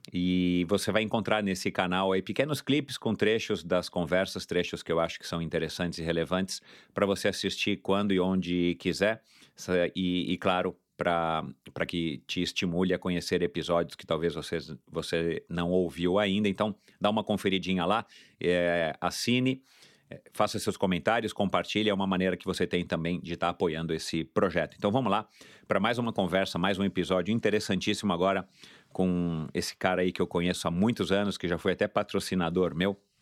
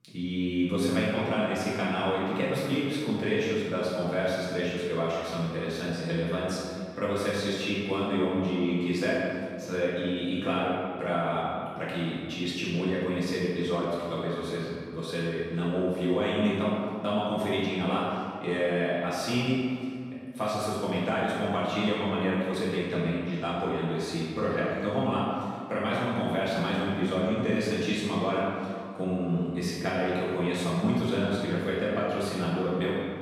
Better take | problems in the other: first | room echo; strong; dies away in 1.9 s // off-mic speech; far

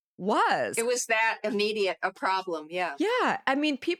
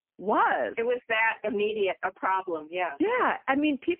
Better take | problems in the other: first | phone-call audio; poor line; nothing above 3 kHz

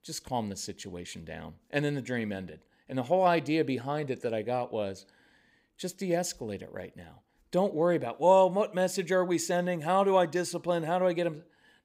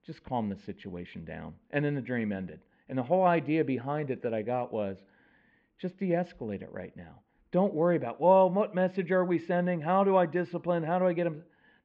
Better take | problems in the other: first | muffled; very; fading above 2.5 kHz

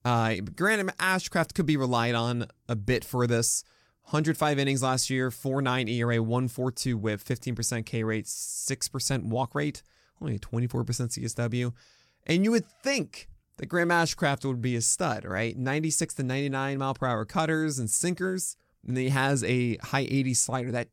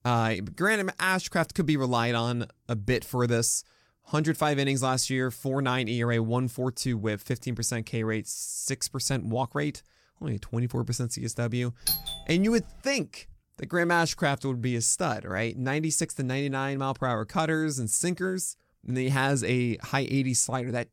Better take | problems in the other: first | doorbell; loud; at 12 s; peak level with the speech

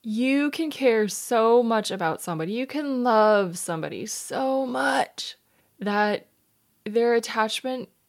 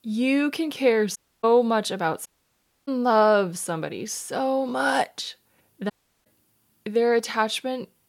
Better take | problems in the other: first | audio cutting out; at 1 s, at 2.5 s for 0.5 s and at 6 s

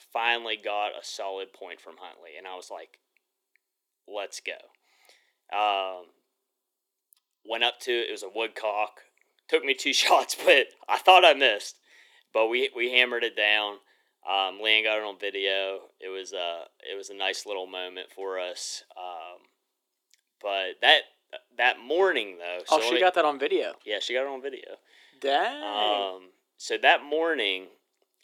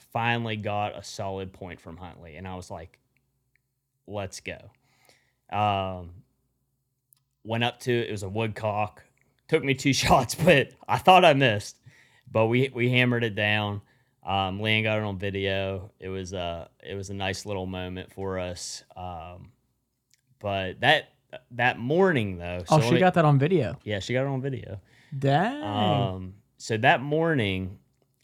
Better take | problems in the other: second | thin; very; fading below 350 Hz

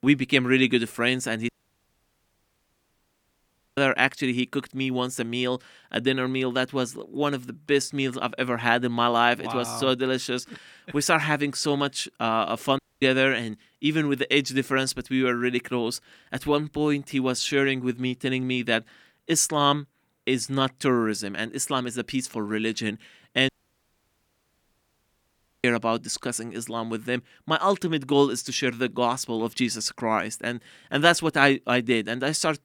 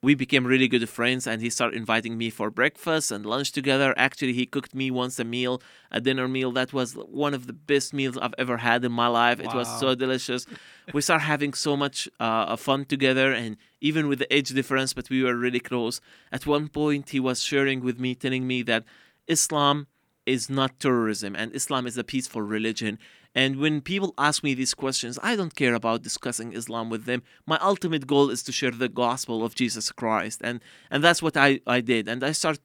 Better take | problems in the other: second | audio cutting out; at 1.5 s for 2.5 s, at 13 s and at 23 s for 2 s

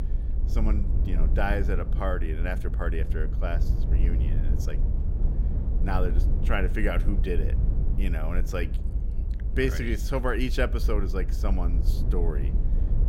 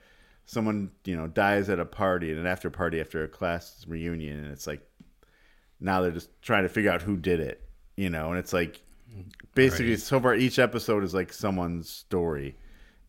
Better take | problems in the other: second | low rumble; noticeable; throughout; 10 dB below the speech

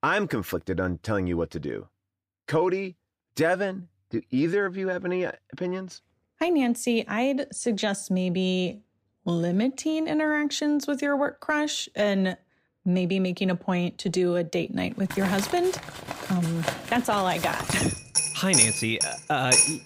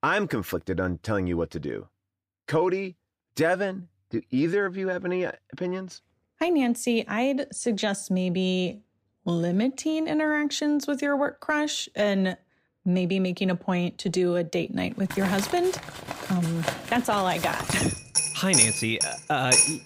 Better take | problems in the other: neither | household noises; very loud; from 15 s on; 1 dB above the speech; the same in both

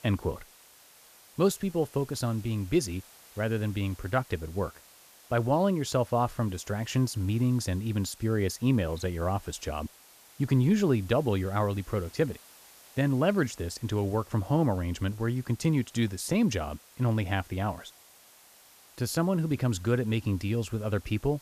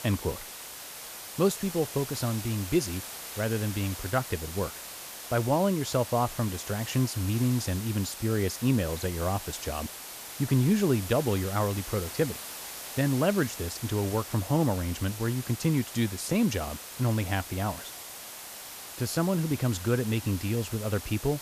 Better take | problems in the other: first | hiss; loud; throughout; 10 dB below the speech; faint in the first

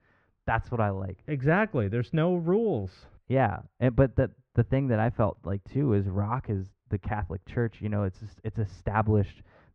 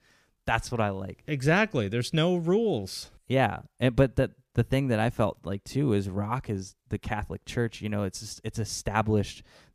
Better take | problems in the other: second | muffled; very; fading above 1.5 kHz

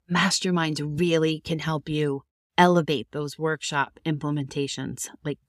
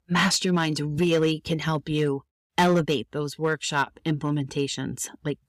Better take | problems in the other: first | distortion; slight; 3% of the sound clipped

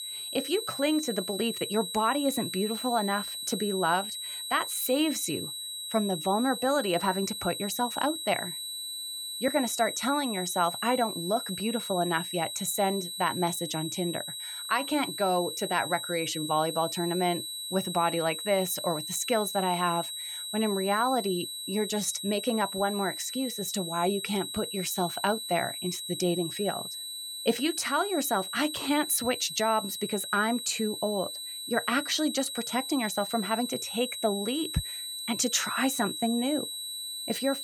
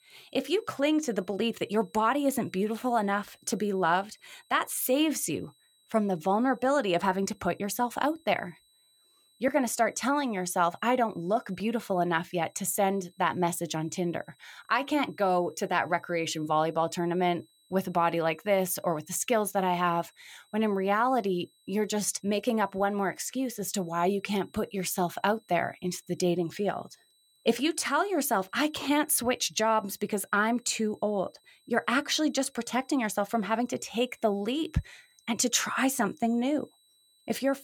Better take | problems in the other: second | high-pitched whine; loud; throughout; 4 kHz, 5 dB below the speech; faint in the second

